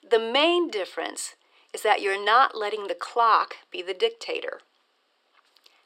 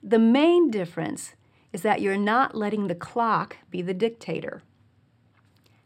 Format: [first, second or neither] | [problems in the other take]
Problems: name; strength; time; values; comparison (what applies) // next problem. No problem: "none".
second | thin; very; fading below 400 Hz